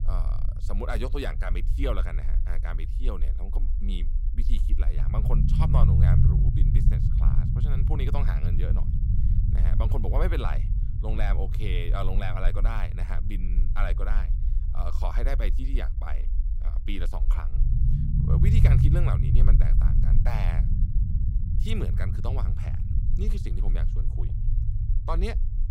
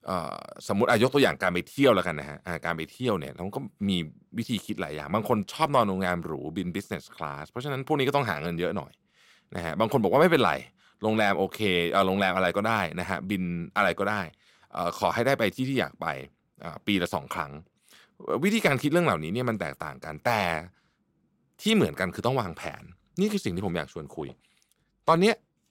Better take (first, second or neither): second